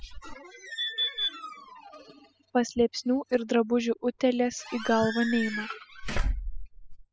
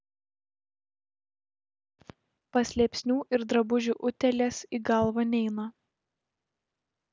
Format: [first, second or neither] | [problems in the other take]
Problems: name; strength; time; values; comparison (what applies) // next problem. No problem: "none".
second | noise reduction (classical method spectral subtraction)